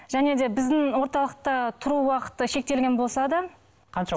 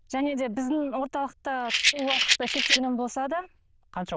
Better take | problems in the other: first | noise reduction (neural diffusion model UNIVERSE++)

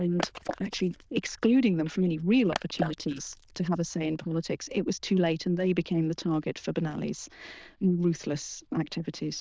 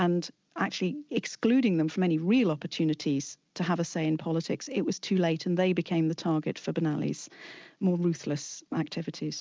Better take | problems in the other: second | noise reduction (neural diffusion model UNIVERSE++)

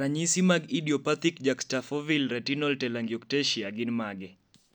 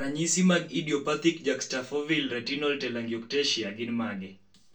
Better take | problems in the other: first | room echo; dies away in 0.2 s

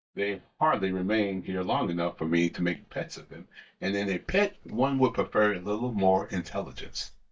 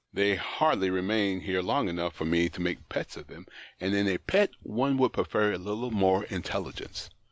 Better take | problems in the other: second | noise reduction (neural mask model DeepFilterNet 3)

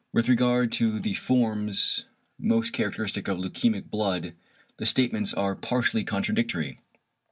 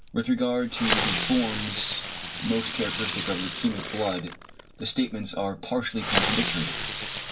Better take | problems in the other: first | background sound (Fireworks); 2 dB below the speech // room echo; dies away in 0.2 s

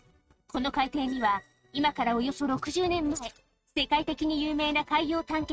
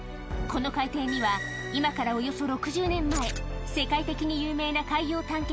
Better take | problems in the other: second | noise reduction (neural mask model RNNoise)

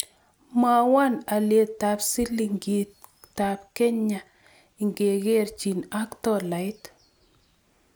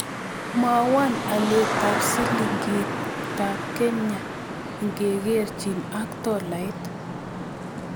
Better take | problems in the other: first | background sound (Traffic noise, roadway noise); 3 dB below the speech

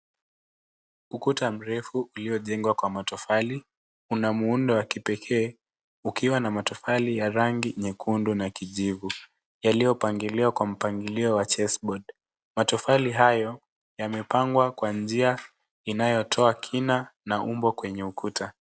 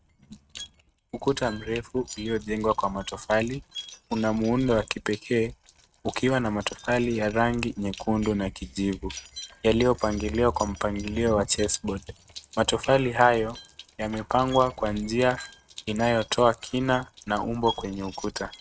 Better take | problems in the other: first | noise reduction (neural mask model RNNoise)

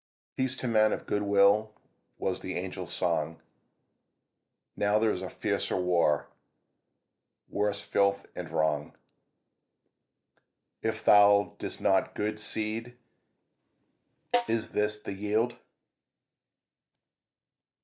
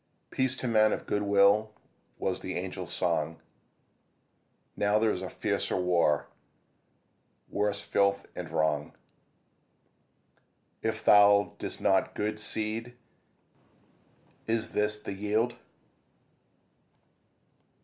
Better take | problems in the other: second | noise reduction (neural mask model DeepFilterNet 3)

